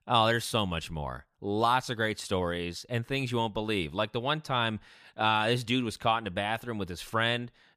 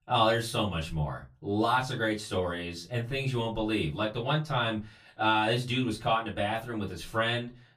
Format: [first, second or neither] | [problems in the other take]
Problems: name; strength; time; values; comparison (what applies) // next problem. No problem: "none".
first | off-mic speech; far // room echo; very slight; dies away in 0.2 s